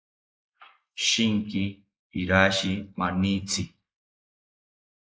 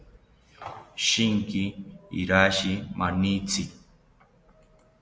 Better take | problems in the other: second | noise reduction (neural mask model Resemble Enhance denoiser)

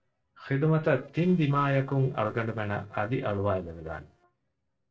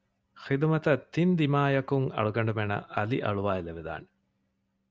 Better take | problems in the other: second | noise reduction (neural separator model SepFormer DNS4)

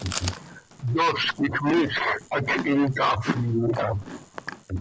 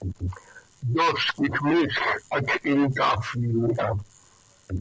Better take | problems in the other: second | background sound (Chewing, mastication); 11 dB below the speech

